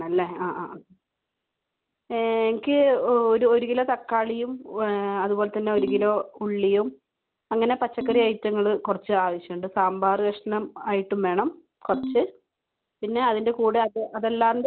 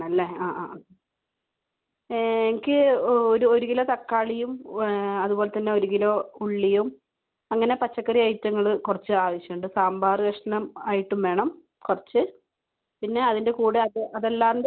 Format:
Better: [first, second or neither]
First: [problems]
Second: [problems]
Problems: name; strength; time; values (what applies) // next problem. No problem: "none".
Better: second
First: background sound (Ringtone); 10 dB below the speech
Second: none